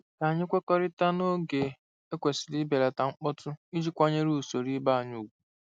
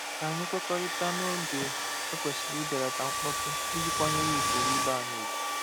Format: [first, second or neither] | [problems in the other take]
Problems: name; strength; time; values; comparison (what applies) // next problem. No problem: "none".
first | background sound (Domestic sounds, home sounds); 4 dB above the speech